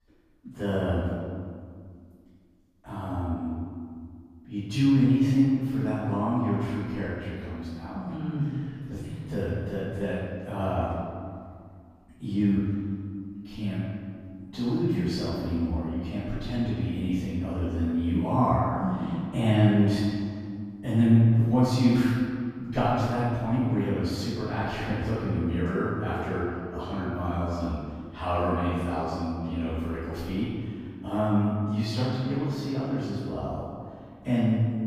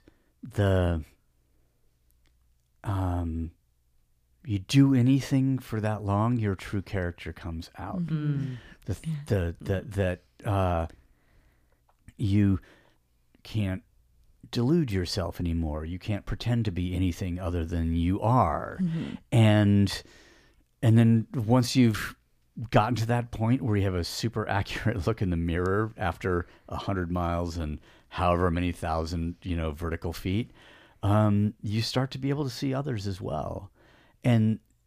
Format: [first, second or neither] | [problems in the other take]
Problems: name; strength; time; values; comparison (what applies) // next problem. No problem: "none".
second | off-mic speech; far // room echo; strong; dies away in 2 s